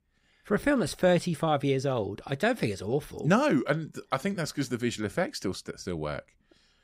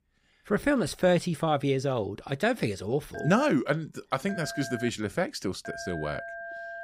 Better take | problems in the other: first | phone ringing; noticeable; from 3 s on; peak 10 dB below the speech

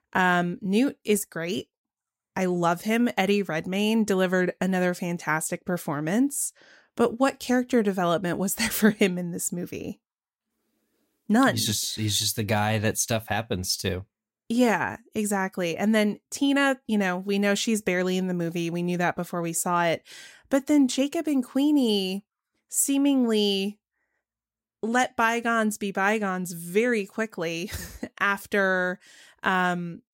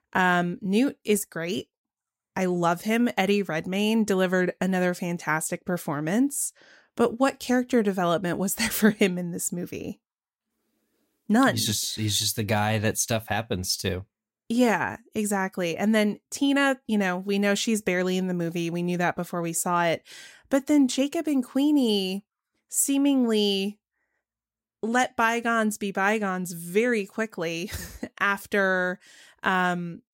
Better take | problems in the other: neither | none

